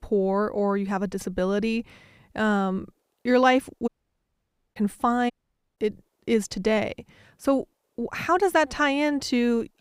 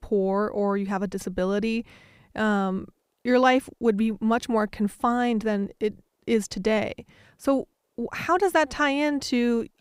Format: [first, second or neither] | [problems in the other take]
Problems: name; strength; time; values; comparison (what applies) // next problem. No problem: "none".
second | audio cutting out; at 4 s for 1 s and at 5.5 s